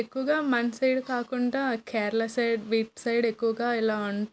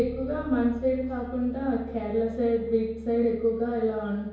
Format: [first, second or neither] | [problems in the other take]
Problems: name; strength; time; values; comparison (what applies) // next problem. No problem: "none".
first | background sound (Bass guitar); 16 dB below the speech // room echo; dies away in 1 s